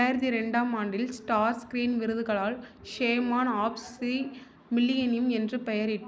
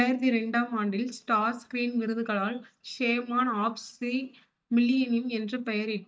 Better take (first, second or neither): first